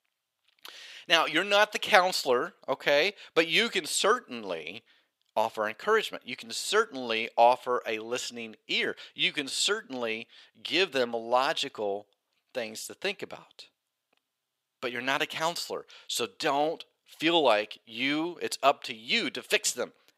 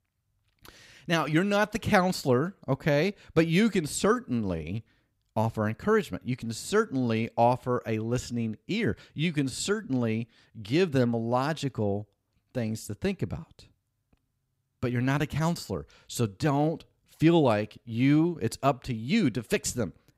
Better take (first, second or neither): second